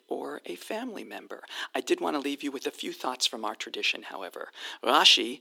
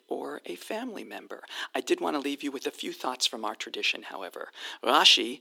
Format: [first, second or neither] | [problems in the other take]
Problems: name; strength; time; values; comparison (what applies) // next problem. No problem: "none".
neither | thin; somewhat; fading below 300 Hz; the same in both